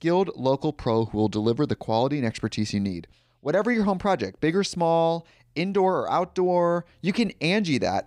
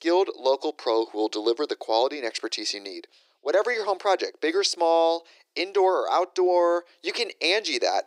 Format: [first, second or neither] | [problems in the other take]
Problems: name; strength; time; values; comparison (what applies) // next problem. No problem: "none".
first | thin; very; fading below 350 Hz